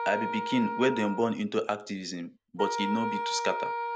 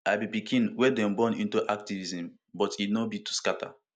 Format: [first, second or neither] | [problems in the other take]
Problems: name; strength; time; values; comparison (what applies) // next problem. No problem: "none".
second | background sound (Wind instrument, woodwind instrument); 4 dB below the speech